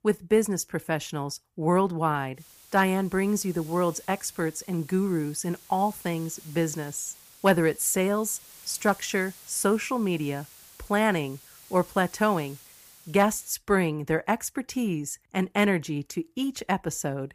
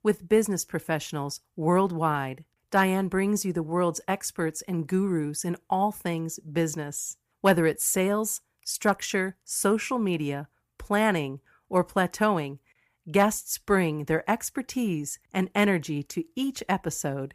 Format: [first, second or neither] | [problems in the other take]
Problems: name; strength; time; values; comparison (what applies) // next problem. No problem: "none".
second | hiss; faint; from 2.5 to 14 s; 20 dB below the speech